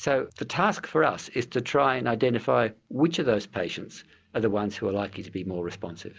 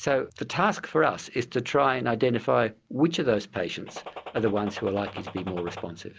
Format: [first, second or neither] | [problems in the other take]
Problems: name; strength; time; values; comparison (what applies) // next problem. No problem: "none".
first | background sound (Gunshot, gunfire); 13 dB below the speech